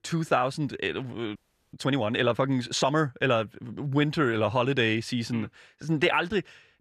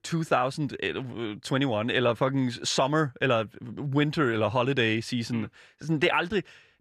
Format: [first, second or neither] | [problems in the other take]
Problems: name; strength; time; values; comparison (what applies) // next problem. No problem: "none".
second | audio freezing; at 1.5 s